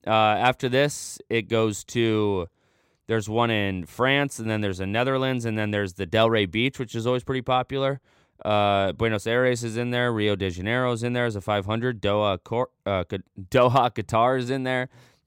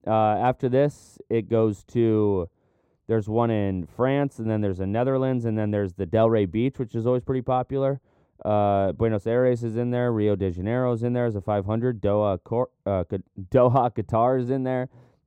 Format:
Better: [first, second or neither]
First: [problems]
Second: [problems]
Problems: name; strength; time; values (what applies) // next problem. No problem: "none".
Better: first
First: none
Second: muffled; very; fading above 1.5 kHz